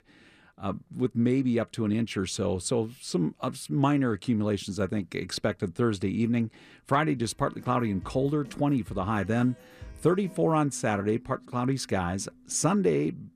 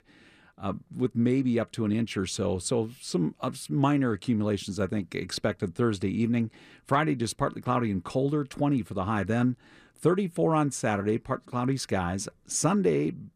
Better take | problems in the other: second | background music; faint; from 7.5 s on; 25 dB below the speech

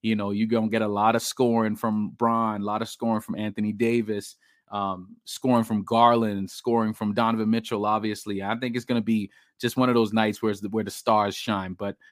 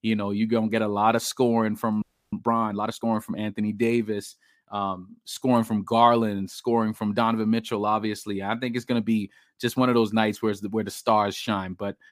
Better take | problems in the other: first | audio freezing; at 2 s

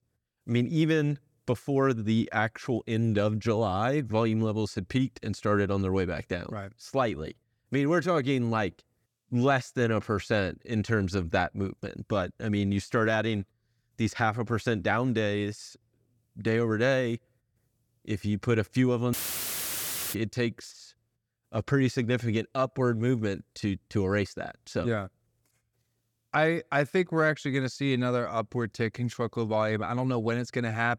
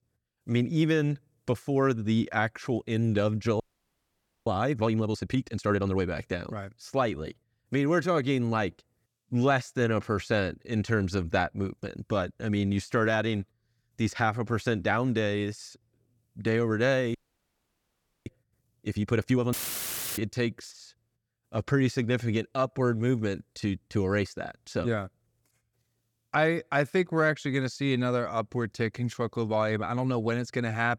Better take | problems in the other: first | audio freezing; at 3.5 s for 1 s and at 17 s for 1 s

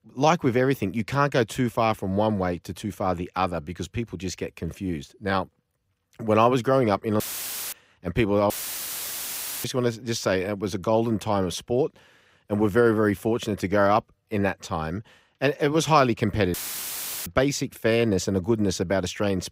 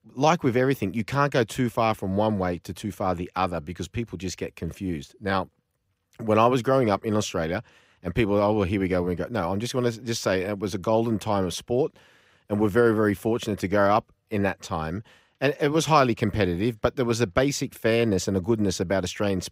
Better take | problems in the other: second | audio cutting out; filled with static; at 7 s for 0.5 s, at 8.5 s for 1 s and at 17 s for 0.5 s

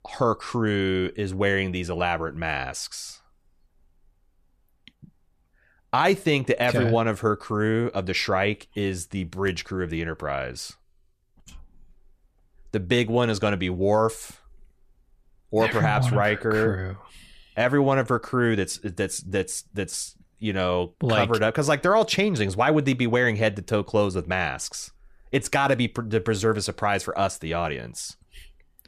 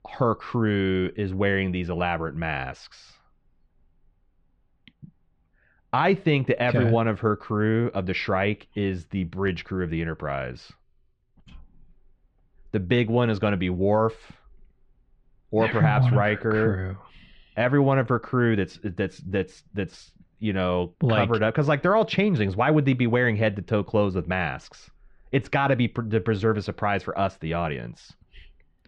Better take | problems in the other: first | muffled; slightly; fading above 3.5 kHz

